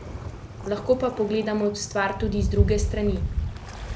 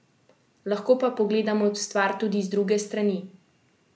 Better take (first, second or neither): second